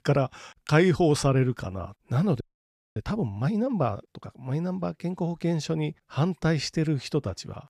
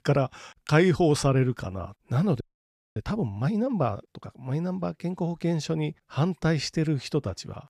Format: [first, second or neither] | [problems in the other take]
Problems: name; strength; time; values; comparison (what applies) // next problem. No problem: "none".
neither | audio freezing; at 2.5 s for 0.5 s; the same in both